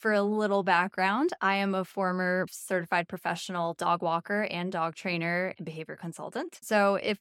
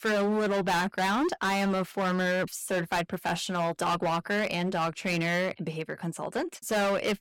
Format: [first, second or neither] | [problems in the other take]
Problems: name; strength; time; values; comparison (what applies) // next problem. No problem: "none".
first | distortion; heavy; 20% of the sound clipped